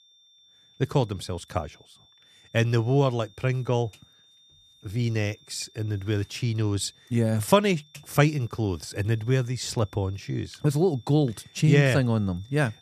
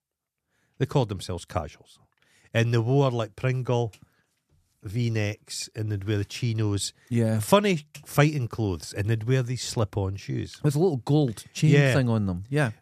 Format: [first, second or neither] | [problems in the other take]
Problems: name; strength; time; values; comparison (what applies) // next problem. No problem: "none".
second | high-pitched whine; faint; throughout; 3.5 kHz, 30 dB below the speech